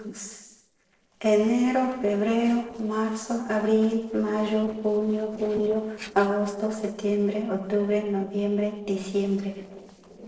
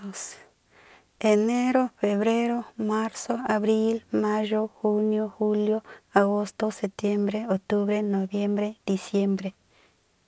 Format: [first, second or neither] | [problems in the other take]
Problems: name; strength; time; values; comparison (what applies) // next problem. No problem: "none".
second | noise reduction (neural separator model SepFormer DNS4)